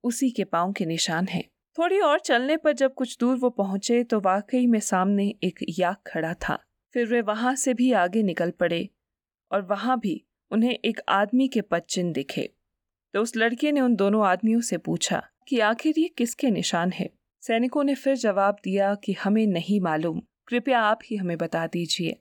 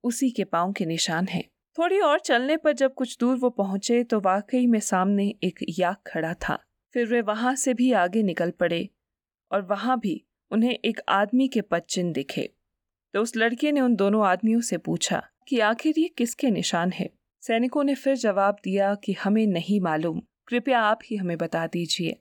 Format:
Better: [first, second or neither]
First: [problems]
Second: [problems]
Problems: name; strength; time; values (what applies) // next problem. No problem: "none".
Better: neither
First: none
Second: none